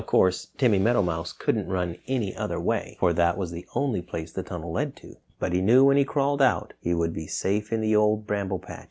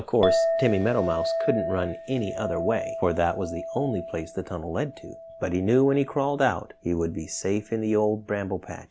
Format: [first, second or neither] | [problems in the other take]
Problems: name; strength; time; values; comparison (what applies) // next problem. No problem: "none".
first | background sound (Chink, clink); 6 dB below the speech